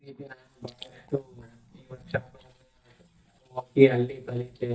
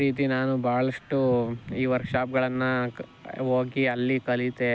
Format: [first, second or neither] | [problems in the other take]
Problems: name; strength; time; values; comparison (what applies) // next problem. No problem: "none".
second | noise reduction (neural mask model DeepFilterNet 3)